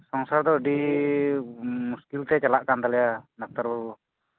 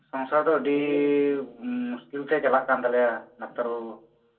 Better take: first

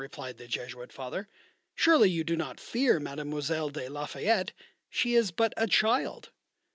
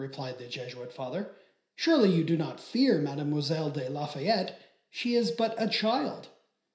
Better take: first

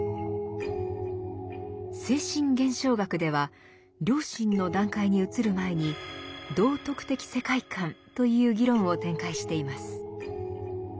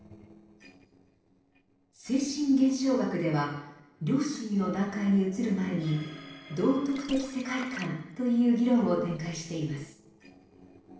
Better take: first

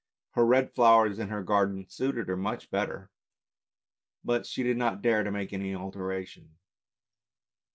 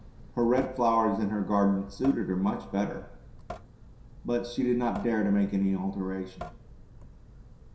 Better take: first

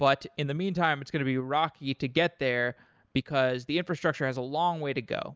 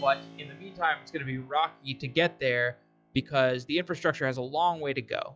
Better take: first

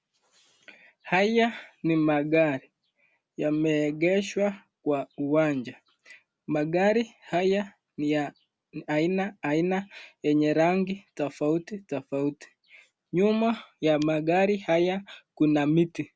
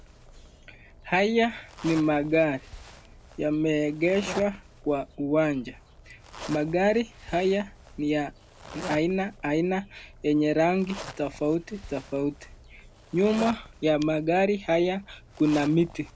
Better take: first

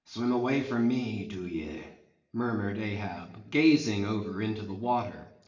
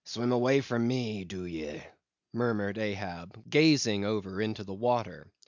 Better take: second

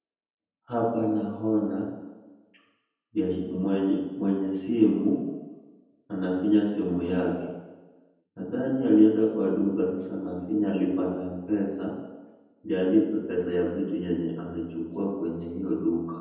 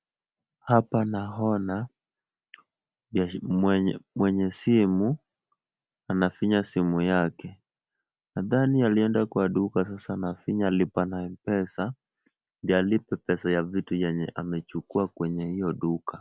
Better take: second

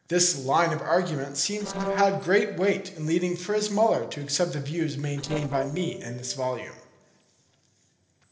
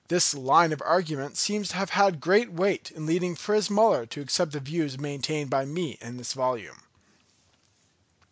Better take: second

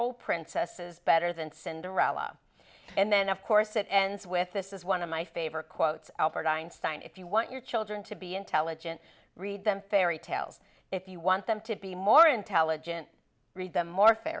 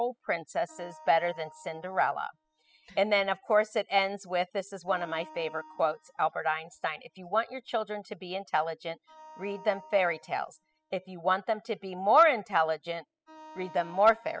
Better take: first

